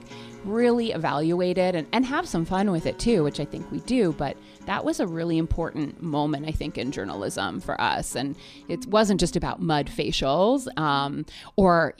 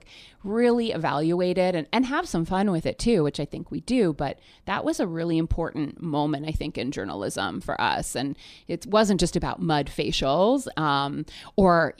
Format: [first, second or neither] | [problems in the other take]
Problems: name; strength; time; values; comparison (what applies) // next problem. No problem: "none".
second | background music; faint; throughout; 20 dB below the speech